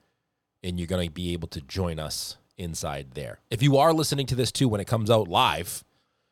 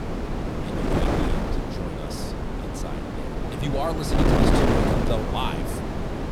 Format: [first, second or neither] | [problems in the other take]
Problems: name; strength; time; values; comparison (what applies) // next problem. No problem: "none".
first | wind noise on the microphone; heavy; 5 dB above the speech